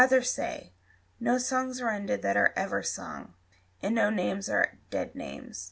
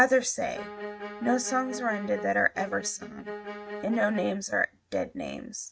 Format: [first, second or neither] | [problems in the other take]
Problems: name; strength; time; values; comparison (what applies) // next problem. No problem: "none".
first | noise reduction (neural mask model RNNoise)